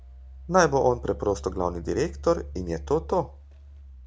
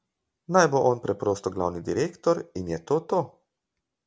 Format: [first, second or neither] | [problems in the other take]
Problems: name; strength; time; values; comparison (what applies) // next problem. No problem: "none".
second | background sound (Engine); 13 dB below the speech